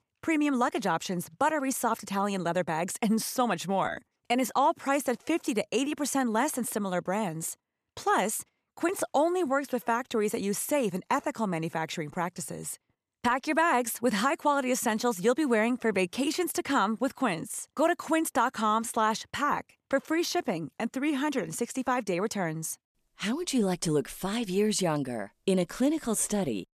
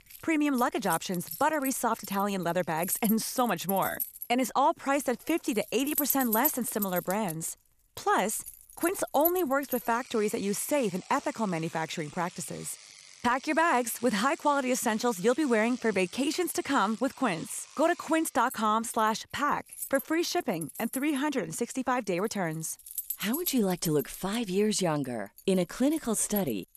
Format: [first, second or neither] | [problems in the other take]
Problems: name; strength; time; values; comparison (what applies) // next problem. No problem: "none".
first | household noises; loud; throughout; 9 dB below the speech